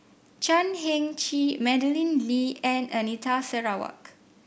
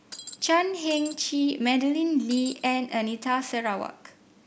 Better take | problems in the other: first | background sound (Shatter); 15 dB below the speech

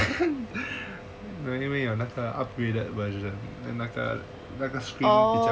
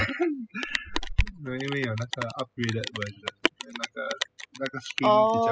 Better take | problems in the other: first | noise reduction (classical method spectral subtraction)

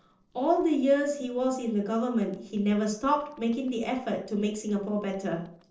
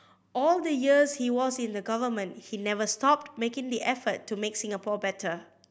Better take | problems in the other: second | noise reduction (neural separator model SepFormer DNS4)

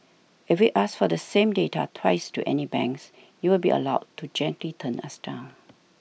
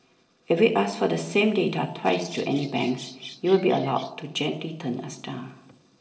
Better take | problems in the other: first | noise reduction (neural separator model SepFormer DNS4)

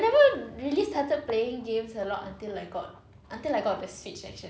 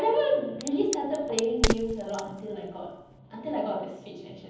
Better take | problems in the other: first | background sound (Crack); 5 dB below the speech // room echo; dies away in 1.3 s

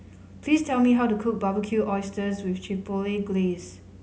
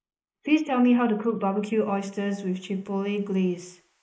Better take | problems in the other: first | noise reduction (neural mask model Resemble Enhance denoiser)

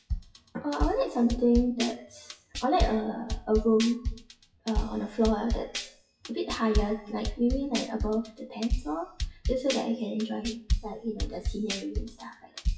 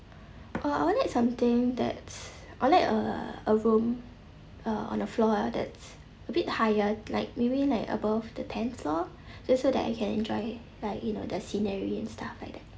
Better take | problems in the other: second | noise reduction (classical method WPE with log-MMSE)

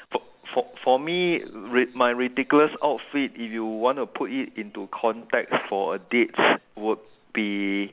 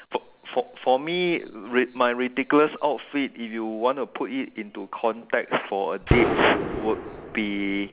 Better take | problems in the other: first | background sound (Gunshot, gunfire); 1 dB below the speech

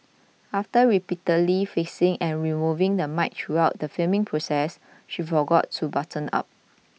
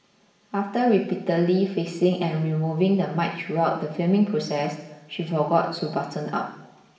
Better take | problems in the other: first | room echo; dies away in 0.9 s

